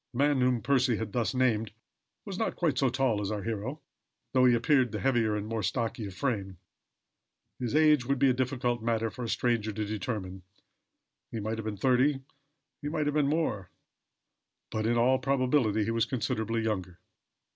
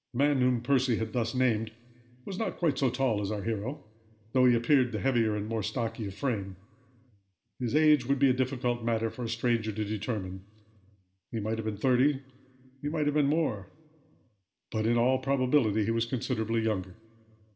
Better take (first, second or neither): first